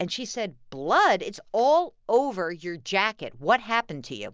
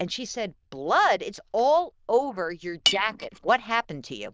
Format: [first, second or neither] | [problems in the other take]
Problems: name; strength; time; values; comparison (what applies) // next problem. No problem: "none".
first | noise reduction (neural diffusion model UNIVERSE++)